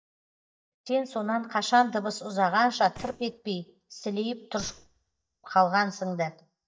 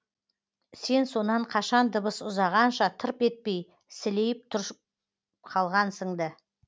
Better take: second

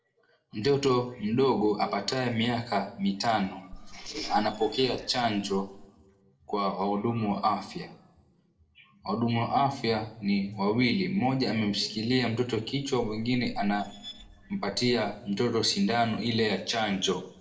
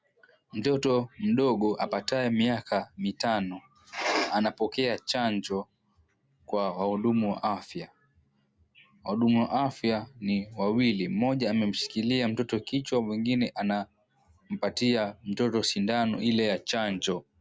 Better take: second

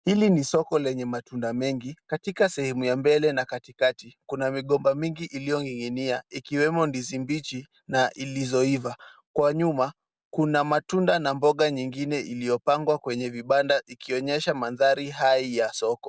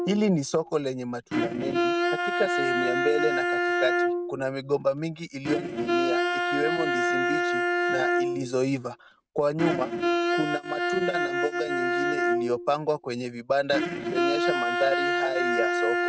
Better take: first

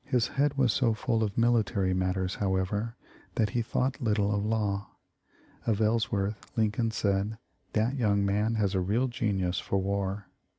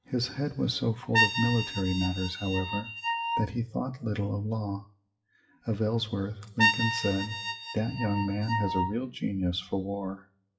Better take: first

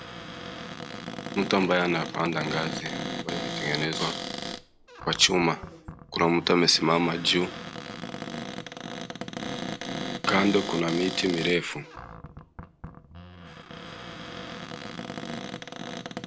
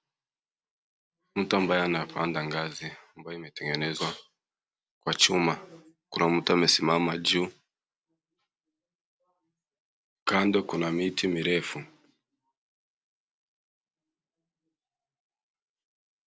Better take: second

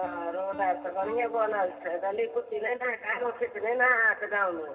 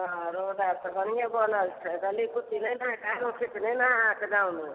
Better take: second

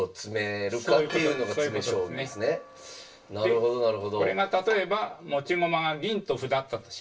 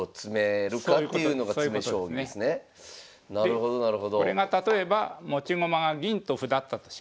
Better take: second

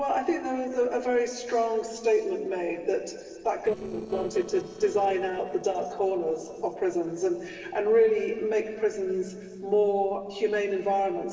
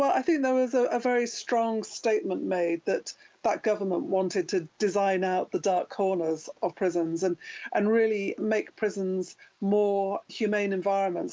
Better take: second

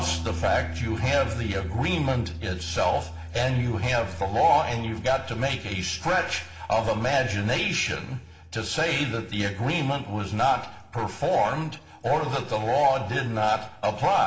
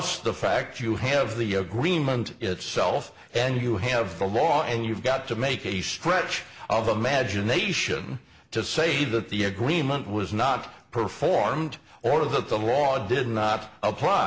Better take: second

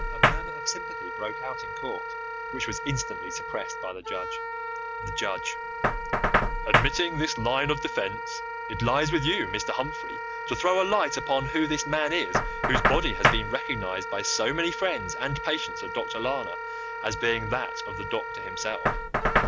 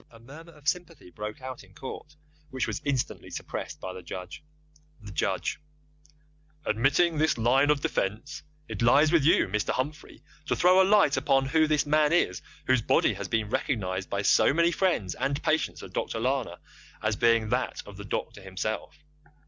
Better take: second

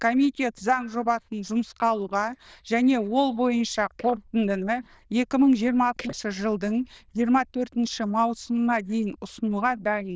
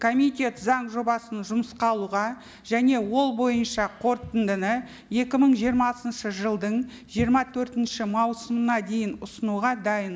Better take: second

